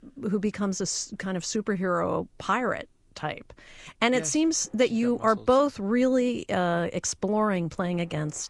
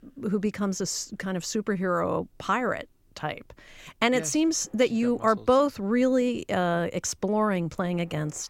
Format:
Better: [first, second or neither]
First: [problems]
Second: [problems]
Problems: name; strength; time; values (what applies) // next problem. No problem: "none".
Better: second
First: garbled, watery; slightly; nothing above 11 kHz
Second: none